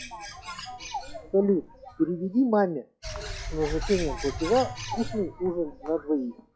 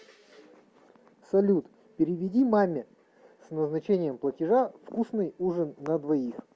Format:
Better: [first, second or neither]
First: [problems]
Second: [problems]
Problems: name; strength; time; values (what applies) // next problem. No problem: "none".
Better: second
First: noise reduction (classical method log-MMSE)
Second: none